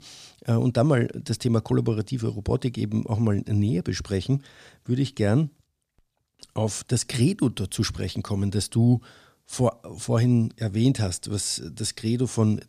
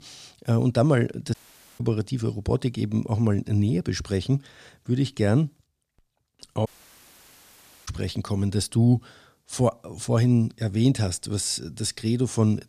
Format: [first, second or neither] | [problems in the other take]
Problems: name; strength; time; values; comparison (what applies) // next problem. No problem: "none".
first | audio cutting out; at 1.5 s and at 6.5 s for 1 s